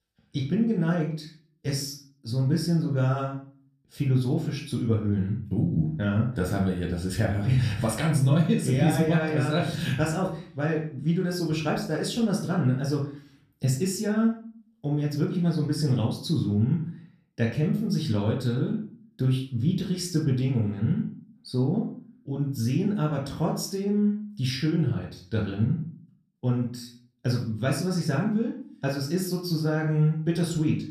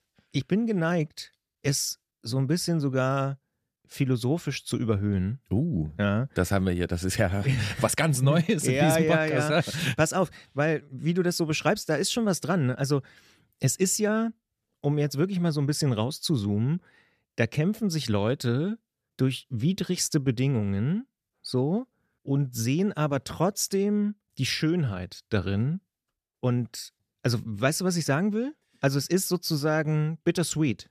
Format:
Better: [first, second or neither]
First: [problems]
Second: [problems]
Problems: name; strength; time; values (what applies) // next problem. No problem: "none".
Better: second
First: off-mic speech; somewhat distant // room echo; slight; dies away in 0.5 s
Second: none